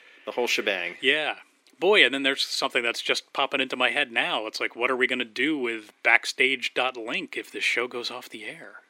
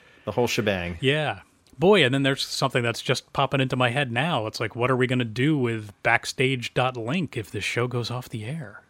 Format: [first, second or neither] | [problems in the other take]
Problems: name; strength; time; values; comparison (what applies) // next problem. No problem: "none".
second | thin; somewhat; fading below 300 Hz